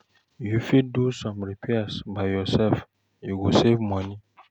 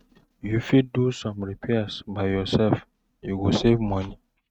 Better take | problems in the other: first | noise reduction (neural mask model RNNoise)

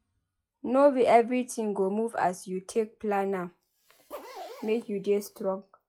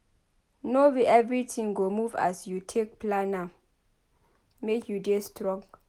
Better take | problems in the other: second | noise reduction (classical method log-MMSE)

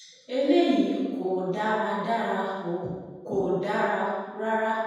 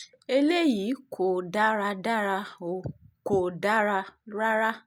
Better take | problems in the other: second | room echo; dies away in 1.2 s

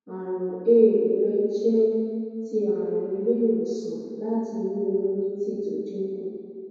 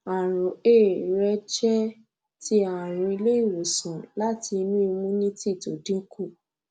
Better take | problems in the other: second | room echo; dies away in 2.2 s

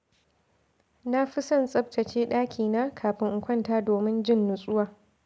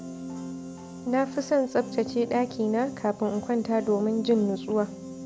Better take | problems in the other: first | background sound (Piano); 11 dB below the speech

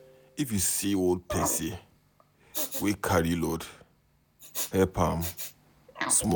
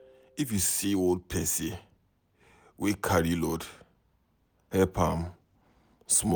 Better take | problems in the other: second | background sound (Respiratory sounds); 10 dB below the speech

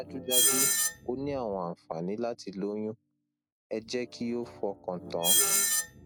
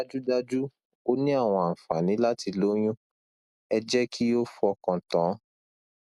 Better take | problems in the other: second | background sound (Screech); 4 dB above the speech

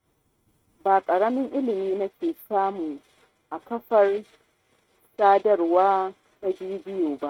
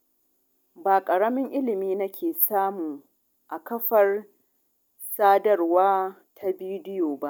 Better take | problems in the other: second | noise reduction (neural mask model RNNoise)

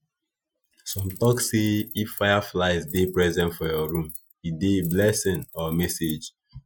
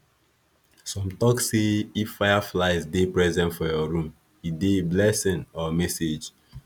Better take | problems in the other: second | noise reduction (classical method Wiener filter)

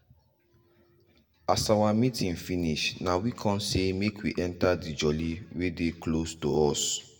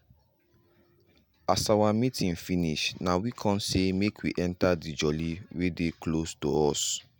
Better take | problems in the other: second | room echo; dies away in 0.5 s

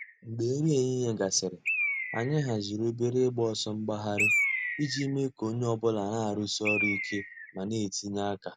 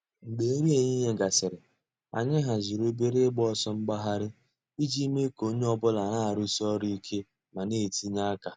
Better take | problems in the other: second | background sound (Bird); 5 dB below the speech

